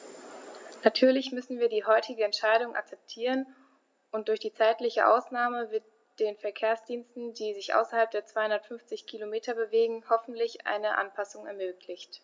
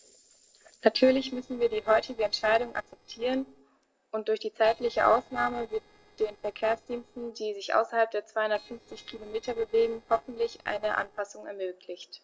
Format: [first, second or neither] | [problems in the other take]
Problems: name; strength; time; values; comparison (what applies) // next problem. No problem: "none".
first | noise reduction (neural separator model SepFormer DNS4)